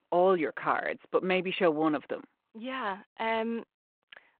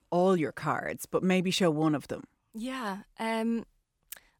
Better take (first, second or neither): second